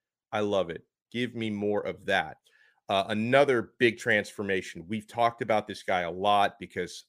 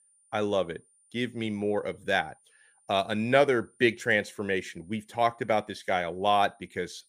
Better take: first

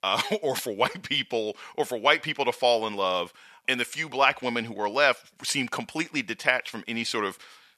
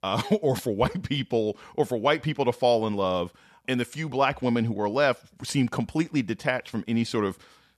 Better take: second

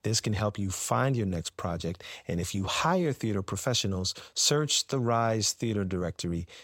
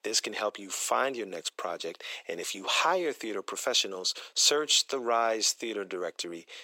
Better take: first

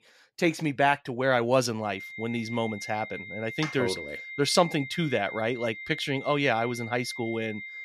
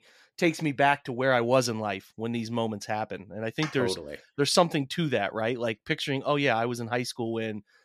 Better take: second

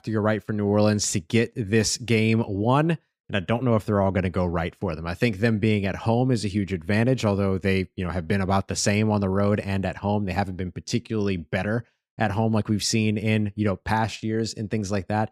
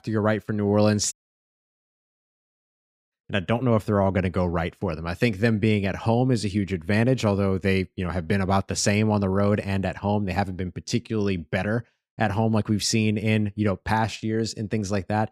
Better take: first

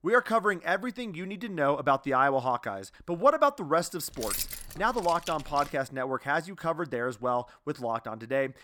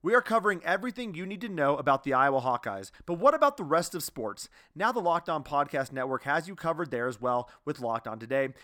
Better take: second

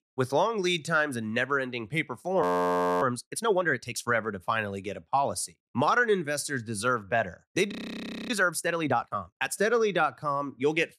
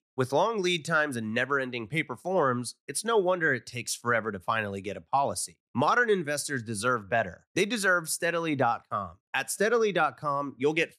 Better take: second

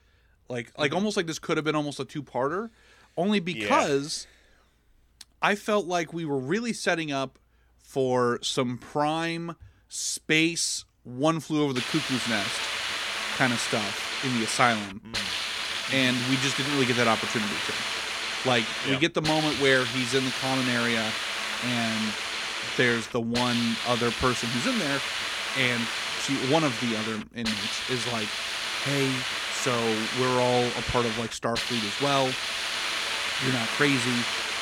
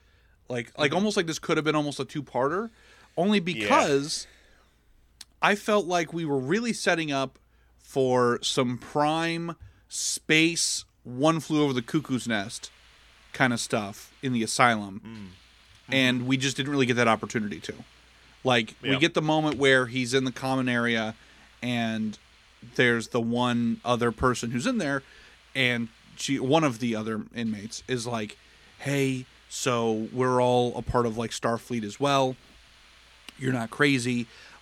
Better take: second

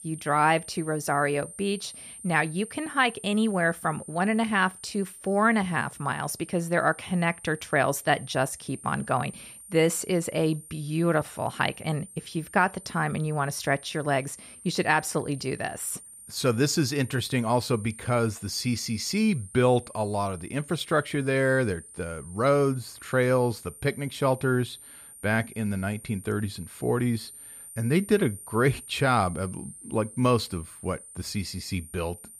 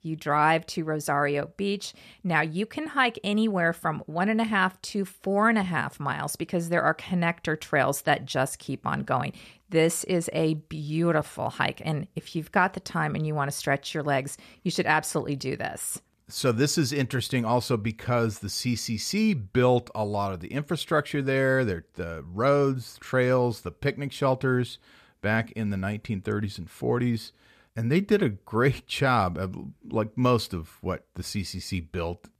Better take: second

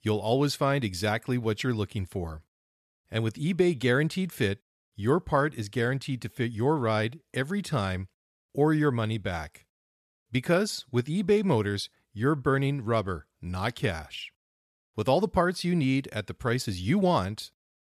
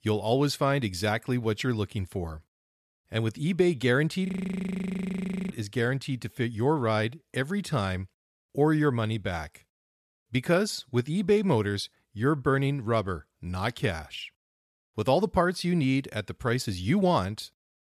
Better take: first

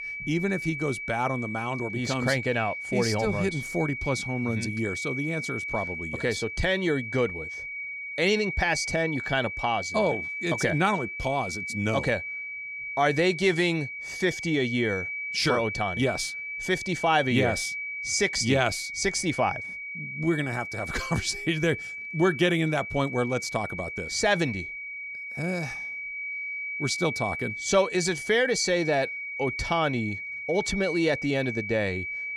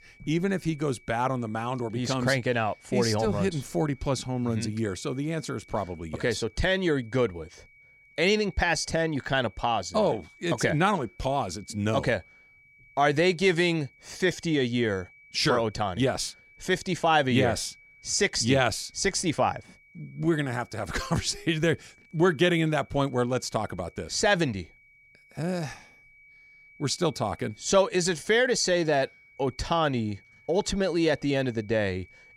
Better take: second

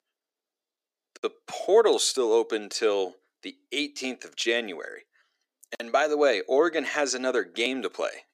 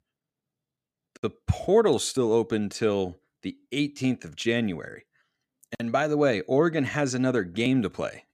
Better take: second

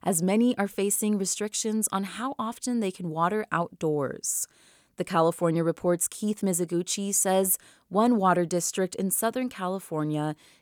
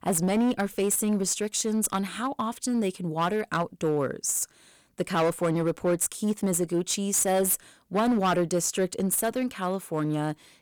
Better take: first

